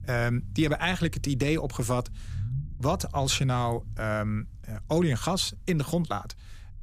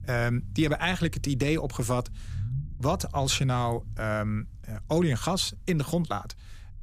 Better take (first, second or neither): neither